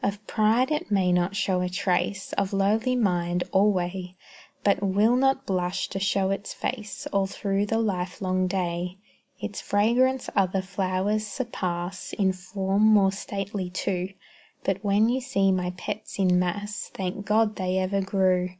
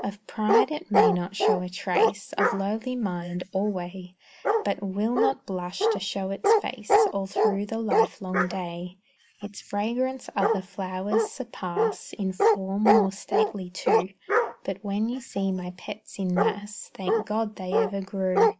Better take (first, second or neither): first